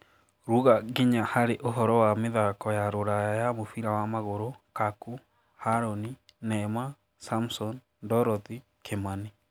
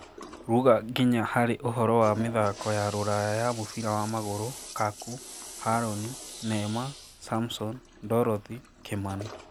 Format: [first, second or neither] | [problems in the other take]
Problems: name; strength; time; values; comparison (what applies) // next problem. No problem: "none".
first | background sound (Toilet flush); 16 dB below the speech